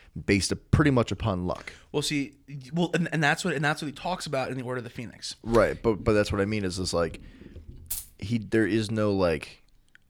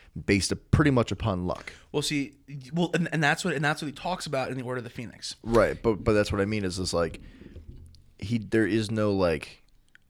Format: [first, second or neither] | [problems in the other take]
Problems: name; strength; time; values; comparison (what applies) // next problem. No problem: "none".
second | jangling keys; noticeable; at 8 s; peak 7 dB below the speech